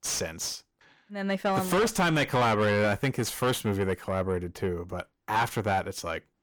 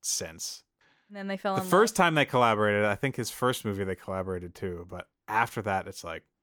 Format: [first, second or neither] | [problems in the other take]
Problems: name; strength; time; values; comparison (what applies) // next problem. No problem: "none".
second | distortion; heavy; 5 dB below the speech